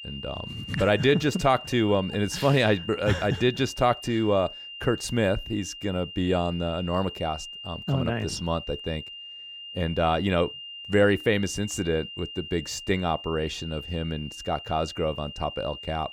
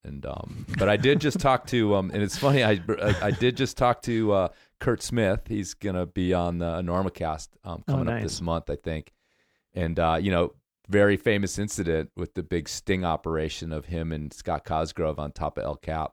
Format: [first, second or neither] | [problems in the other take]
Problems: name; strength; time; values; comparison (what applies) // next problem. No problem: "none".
second | high-pitched whine; noticeable; throughout; 3 kHz, 10 dB below the speech